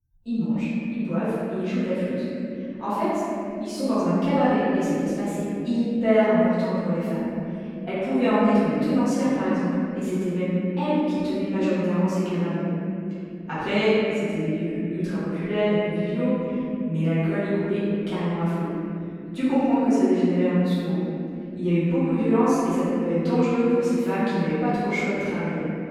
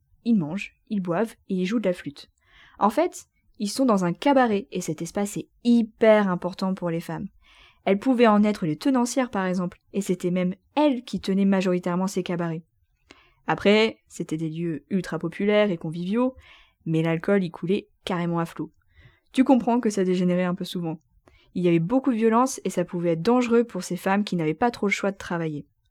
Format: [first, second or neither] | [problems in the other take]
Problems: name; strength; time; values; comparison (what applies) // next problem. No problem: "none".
second | room echo; strong; dies away in 3 s // off-mic speech; far